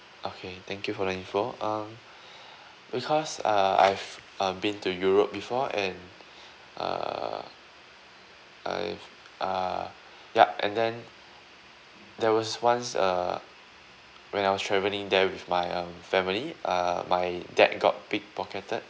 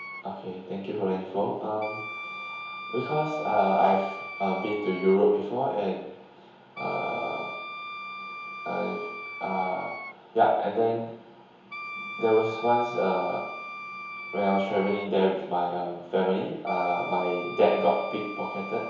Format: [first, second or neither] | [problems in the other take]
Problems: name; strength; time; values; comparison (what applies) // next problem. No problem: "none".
first | background sound (Wind instrument, woodwind instrument); 12 dB below the speech // room echo; dies away in 1 s